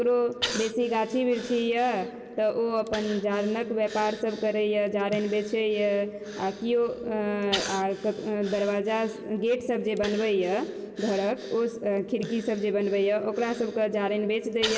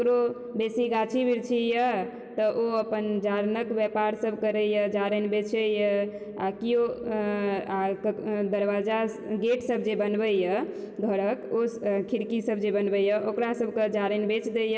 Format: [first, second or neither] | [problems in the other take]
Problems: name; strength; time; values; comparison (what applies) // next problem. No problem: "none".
second | background sound (Breathing); 14 dB below the speech